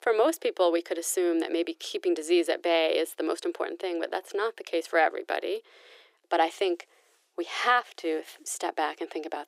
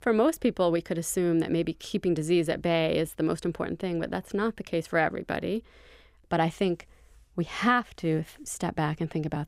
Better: second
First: thin; very; fading below 350 Hz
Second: none

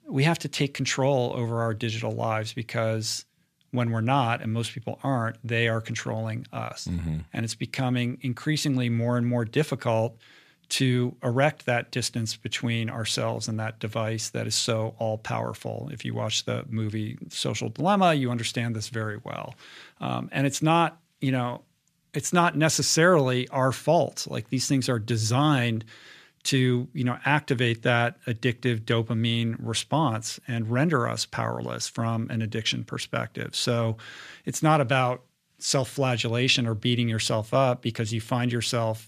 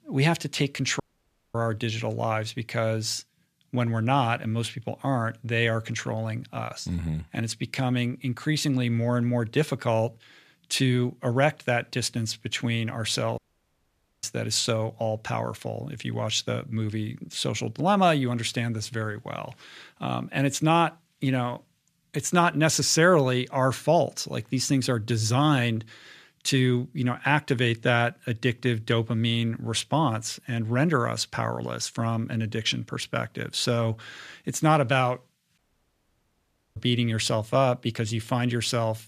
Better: first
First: none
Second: audio cutting out; at 1 s for 0.5 s, at 13 s for 1 s and at 36 s for 1 s

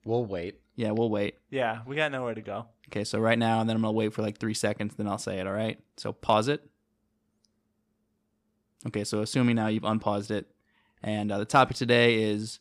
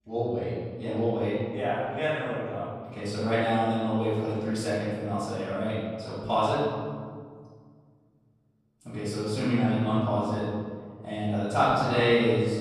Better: first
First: none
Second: off-mic speech; far // room echo; strong; dies away in 2 s

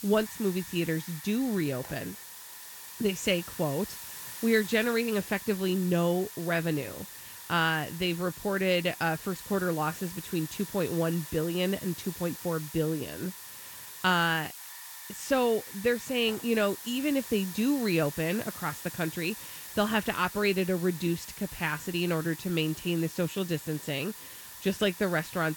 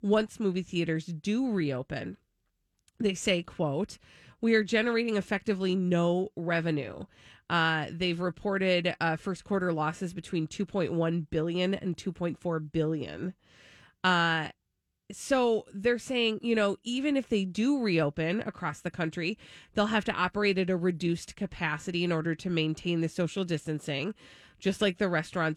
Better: second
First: hiss; noticeable; throughout; 10 dB below the speech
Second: none

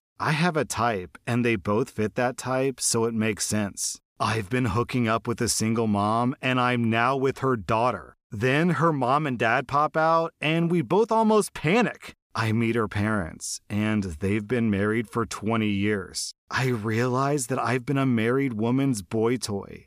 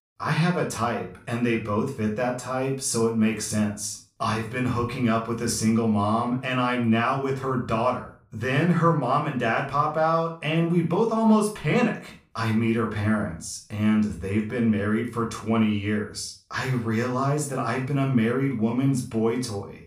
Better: first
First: none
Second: room echo; slight; dies away in 0.3 s // off-mic speech; somewhat distant

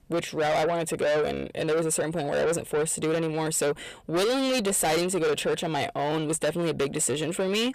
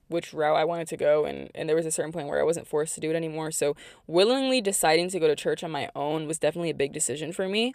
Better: second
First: distortion; heavy; 6 dB below the speech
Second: none

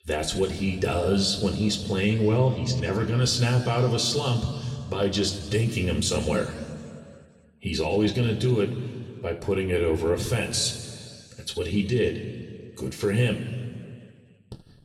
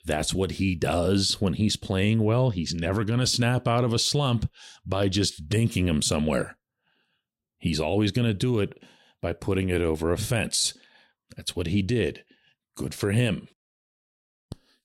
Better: second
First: room echo; slight; dies away in 2 s // off-mic speech; somewhat distant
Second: none

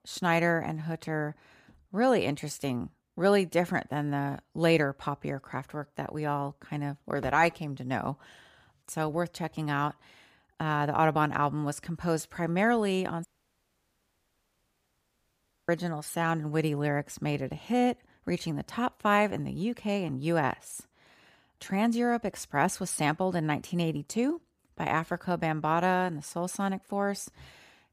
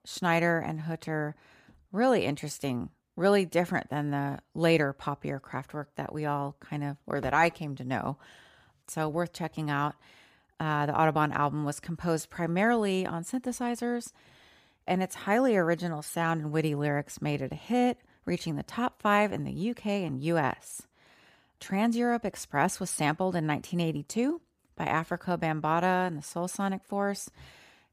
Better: second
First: audio cutting out; at 13 s for 2.5 s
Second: none

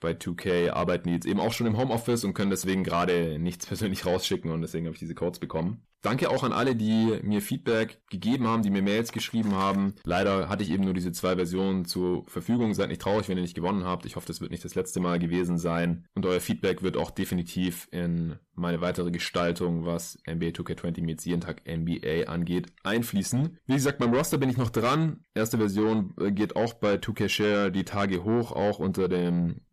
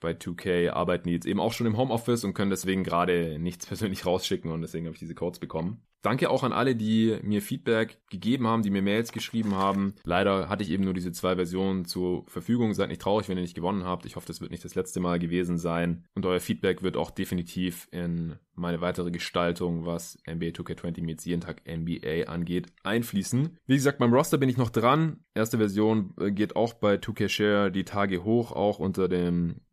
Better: second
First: distortion; slight; 10 dB below the speech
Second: none

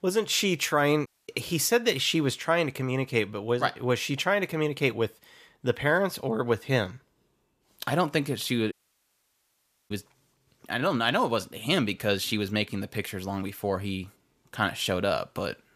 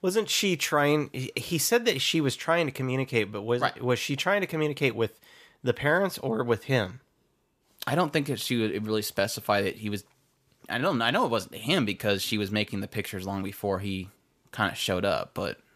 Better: second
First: audio cutting out; at 1 s and at 8.5 s for 1 s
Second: none

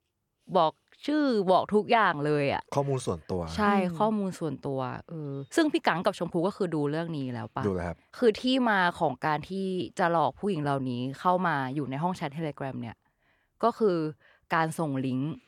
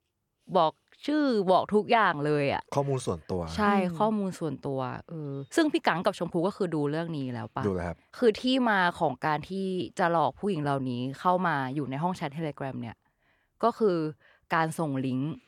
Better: neither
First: none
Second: none

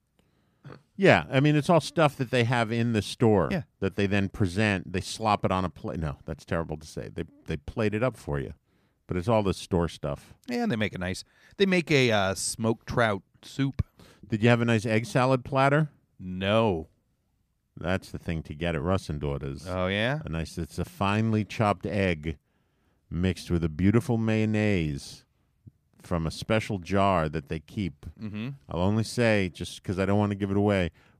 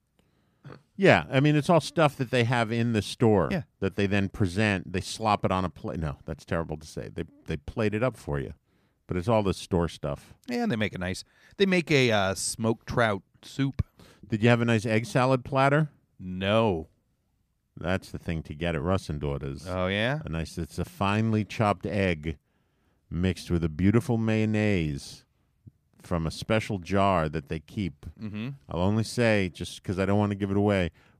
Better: neither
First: none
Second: none

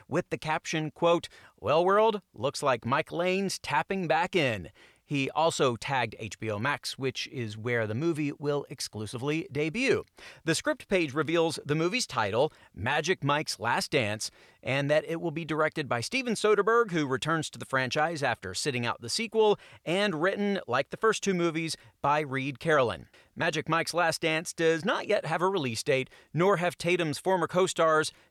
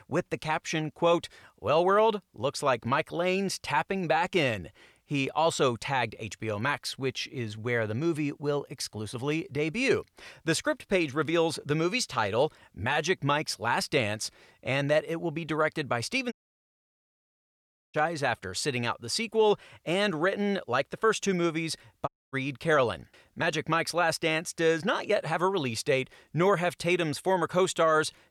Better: first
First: none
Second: audio cutting out; at 16 s for 1.5 s and at 22 s

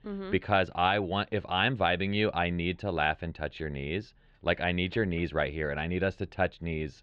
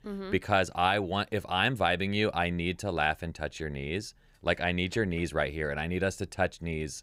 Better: second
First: muffled; slightly; fading above 3.5 kHz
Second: none

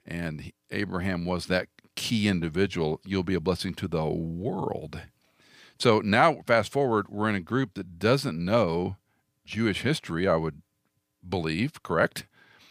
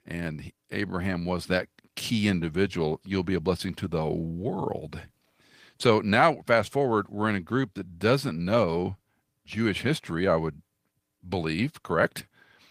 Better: first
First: none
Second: garbled, watery; slightly; nothing above 15 kHz

